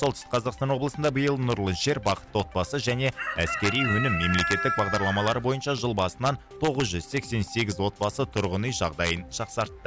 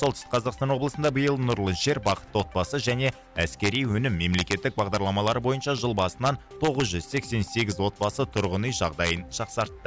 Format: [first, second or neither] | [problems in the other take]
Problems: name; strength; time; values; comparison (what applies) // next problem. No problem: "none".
second | background sound (Chicken, rooster); 3 dB below the speech